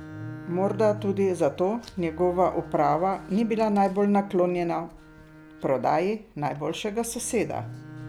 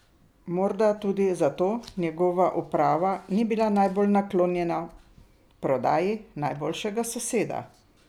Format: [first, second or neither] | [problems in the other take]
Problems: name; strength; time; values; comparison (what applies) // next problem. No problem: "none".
second | background sound (Bowed string instrument + Engine starting / Car); 16 dB below the speech